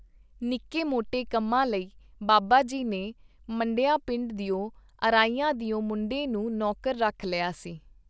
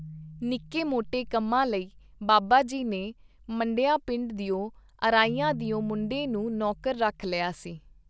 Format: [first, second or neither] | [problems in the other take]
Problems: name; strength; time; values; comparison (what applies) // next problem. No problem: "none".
first | background sound (Keyboard (musical)); 19 dB below the speech